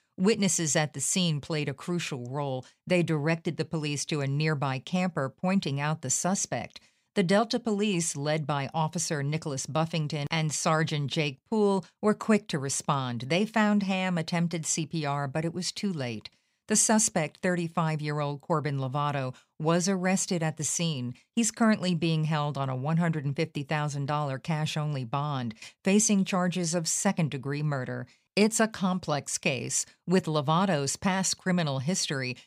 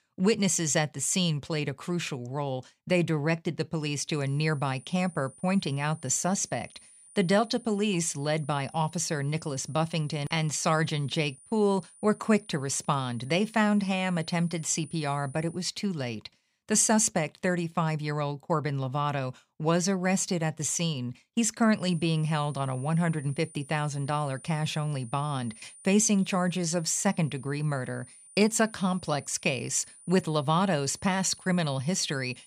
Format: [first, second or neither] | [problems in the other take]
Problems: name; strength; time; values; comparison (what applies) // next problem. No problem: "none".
first | high-pitched whine; faint; from 4 to 16 s and from 22 s on; 9.5 kHz, 20 dB below the speech